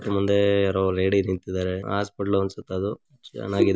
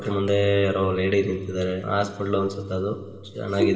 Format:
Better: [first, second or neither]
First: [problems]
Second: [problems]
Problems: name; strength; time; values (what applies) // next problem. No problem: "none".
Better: first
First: none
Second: room echo; dies away in 1.7 s